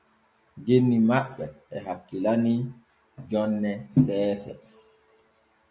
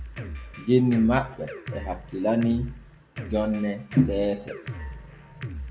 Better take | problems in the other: first | background sound (Drum kit); 11 dB below the speech

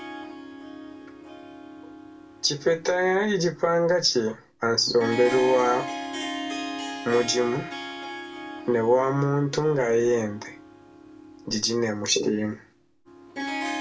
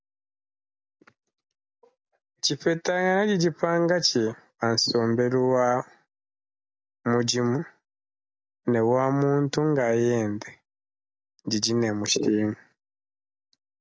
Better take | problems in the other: second | background sound (Harp); 11 dB below the speech // room echo; dies away in 0.2 s

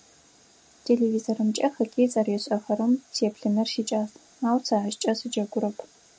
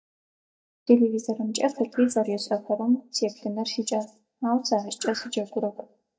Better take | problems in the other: first | noise reduction (neural mask model DeepFilterNet 3)

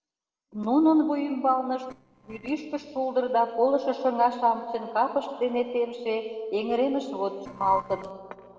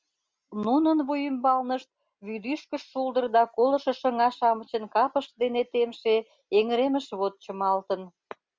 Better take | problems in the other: second | noise reduction (neural separator model SepFormer DNS4)

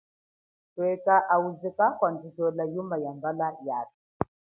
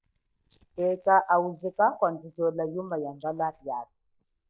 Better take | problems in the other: first | noise reduction (neural mask model DeepFilterNet 3)

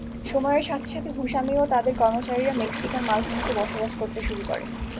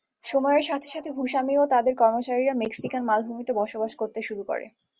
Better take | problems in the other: second | background sound (Waves, surf); 6 dB below the speech

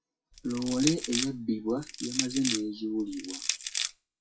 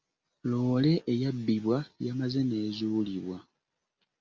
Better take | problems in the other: second | noise reduction (classical method WPE with log-MMSE)

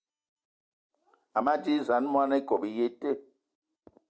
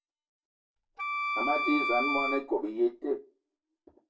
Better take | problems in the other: first | background sound (Wind instrument, woodwind instrument); 1 dB above the speech // room echo; dies away in 0.1 s

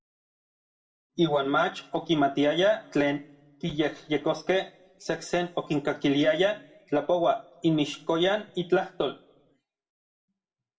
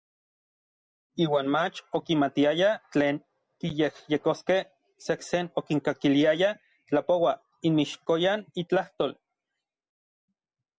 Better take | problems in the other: second | room echo; dies away in 0.3 s

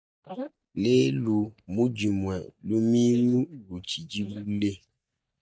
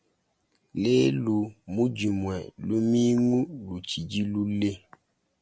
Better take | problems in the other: second | noise reduction (neural mask model DeepFilterNet 3)

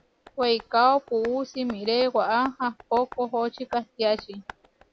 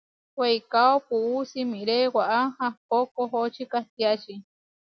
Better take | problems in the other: second | background sound (Tap); 19 dB below the speech

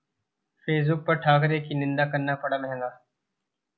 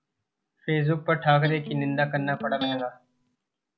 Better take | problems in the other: first | background sound (Electric guitar); 9 dB below the speech

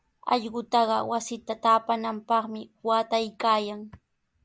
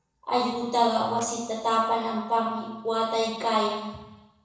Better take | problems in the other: first | noise reduction (neural separator model SepFormer DNS4)

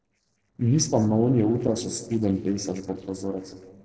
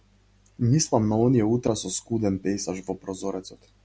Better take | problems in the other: second | noise reduction (neural separator model SepFormer DNS4)

